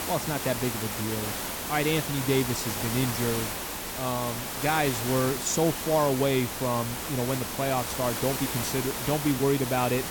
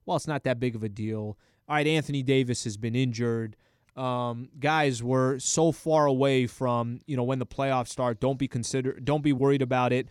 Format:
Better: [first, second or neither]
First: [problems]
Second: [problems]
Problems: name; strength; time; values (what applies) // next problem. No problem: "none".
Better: second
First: hiss; loud; throughout; 3 dB below the speech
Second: none